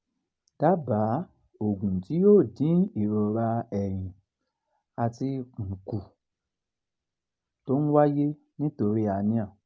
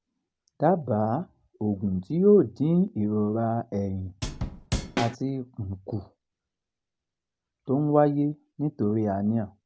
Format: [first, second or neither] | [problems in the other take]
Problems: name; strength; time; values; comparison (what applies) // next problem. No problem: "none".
first | background sound (Drum / Drum kit); 4 dB below the speech